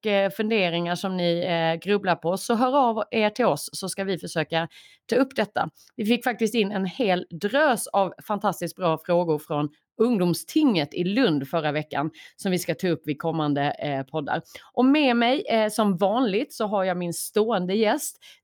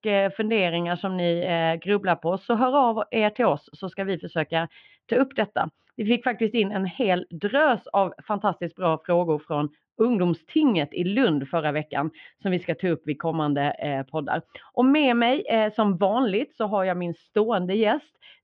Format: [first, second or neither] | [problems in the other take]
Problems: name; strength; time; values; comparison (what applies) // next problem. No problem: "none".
first | muffled; very; fading above 3 kHz